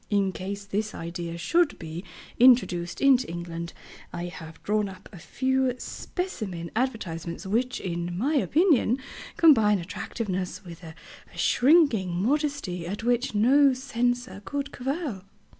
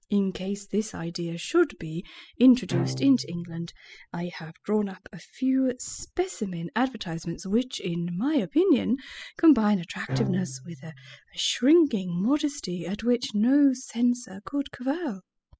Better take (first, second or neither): first